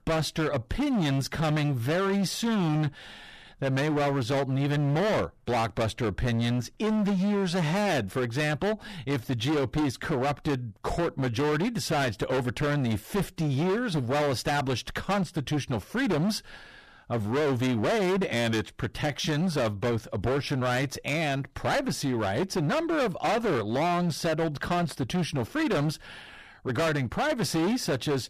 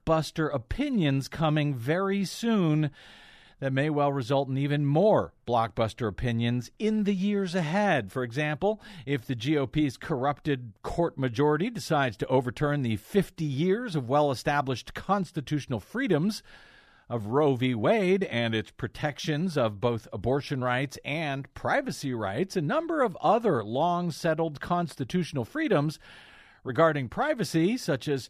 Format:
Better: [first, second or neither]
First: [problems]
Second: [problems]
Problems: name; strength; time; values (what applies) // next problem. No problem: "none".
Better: second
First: distortion; heavy; 26% of the sound clipped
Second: none